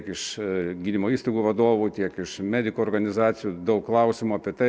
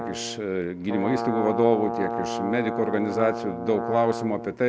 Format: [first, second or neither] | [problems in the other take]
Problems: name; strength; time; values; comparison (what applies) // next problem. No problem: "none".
first | background sound (Brass instrument); 5 dB below the speech